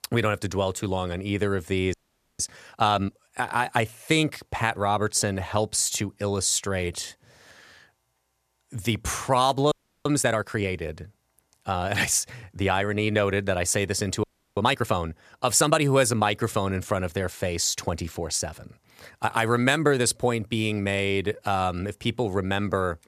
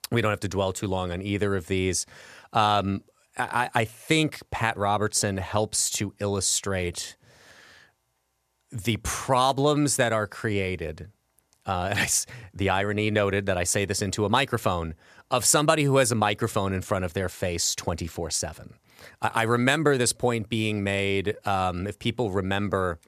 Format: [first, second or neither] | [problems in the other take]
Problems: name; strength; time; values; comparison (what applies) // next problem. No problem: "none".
second | audio freezing; at 2 s, at 9.5 s and at 14 s